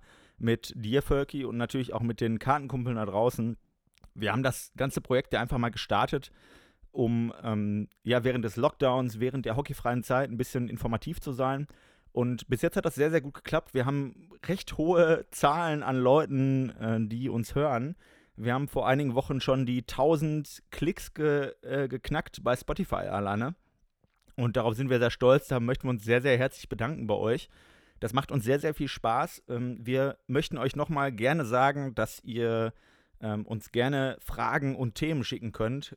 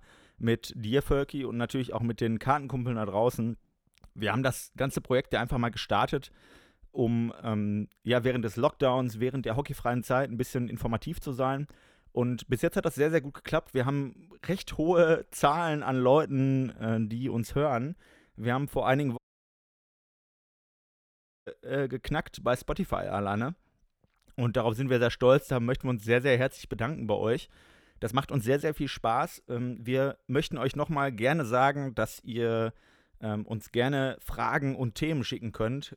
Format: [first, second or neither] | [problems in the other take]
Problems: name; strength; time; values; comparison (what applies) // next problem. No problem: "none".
first | audio cutting out; at 19 s for 2.5 s